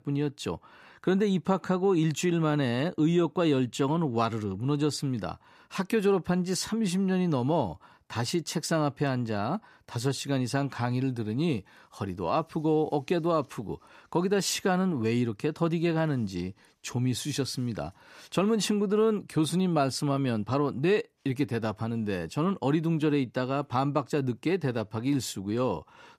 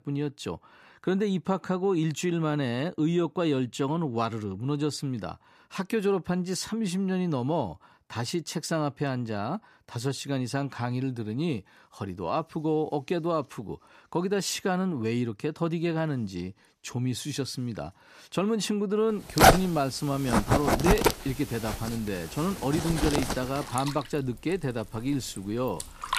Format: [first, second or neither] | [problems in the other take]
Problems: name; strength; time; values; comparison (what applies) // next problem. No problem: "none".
first | household noises; very loud; from 19 s on; 4 dB above the speech